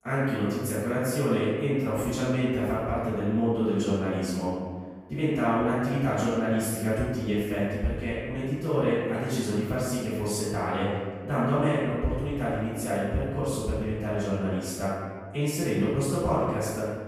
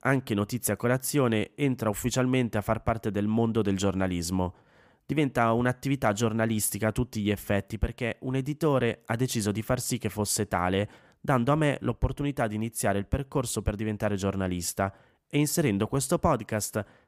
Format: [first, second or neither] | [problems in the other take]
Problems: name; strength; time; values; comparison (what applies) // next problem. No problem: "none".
second | off-mic speech; far // room echo; strong; dies away in 1.5 s